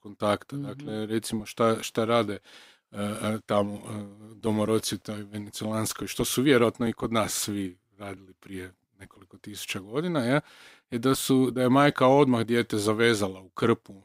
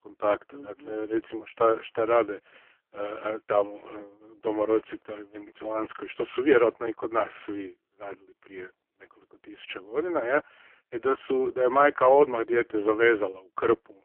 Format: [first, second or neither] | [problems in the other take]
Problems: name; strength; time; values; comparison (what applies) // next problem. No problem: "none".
first | phone-call audio; poor line; nothing above 3 kHz